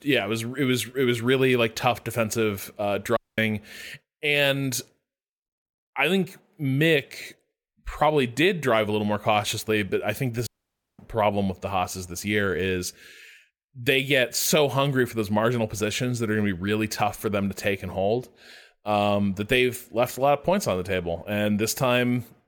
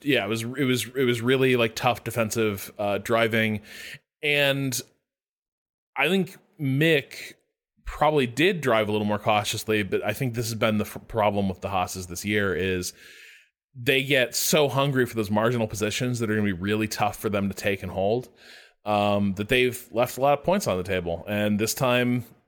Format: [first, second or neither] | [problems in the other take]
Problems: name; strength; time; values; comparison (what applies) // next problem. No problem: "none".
second | audio cutting out; at 3 s and at 10 s for 0.5 s